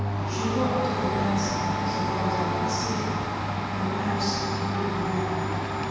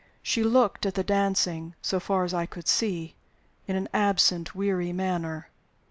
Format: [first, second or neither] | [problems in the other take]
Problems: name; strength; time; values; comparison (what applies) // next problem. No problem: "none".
second | background sound (Domestic sounds, home sounds); 3 dB above the speech // room echo; dies away in 2.1 s